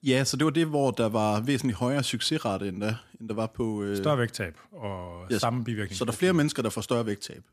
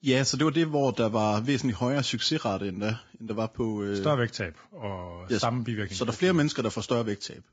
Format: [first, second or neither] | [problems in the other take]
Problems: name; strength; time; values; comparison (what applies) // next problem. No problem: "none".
first | garbled, watery; badly; nothing above 7.5 kHz